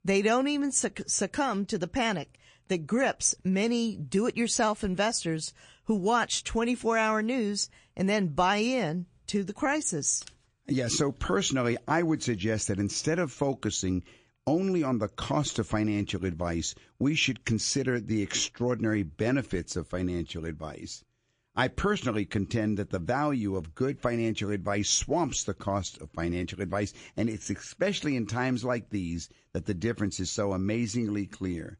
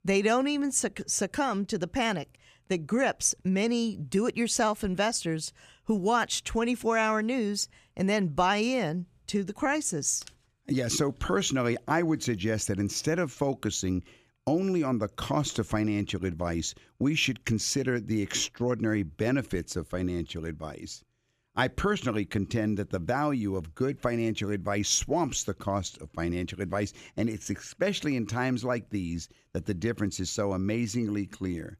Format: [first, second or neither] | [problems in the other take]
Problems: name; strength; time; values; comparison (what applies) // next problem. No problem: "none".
second | garbled, watery; slightly; nothing above 9.5 kHz